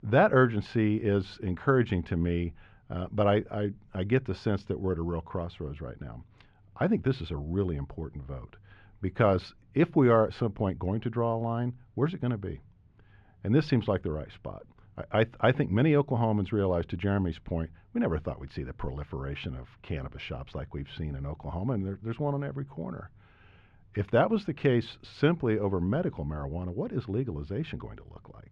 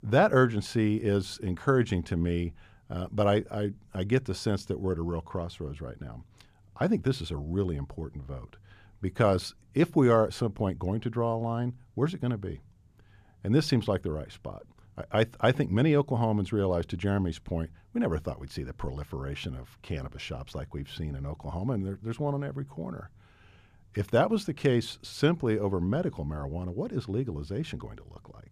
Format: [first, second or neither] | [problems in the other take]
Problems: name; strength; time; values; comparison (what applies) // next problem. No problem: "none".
second | muffled; slightly; fading above 2.5 kHz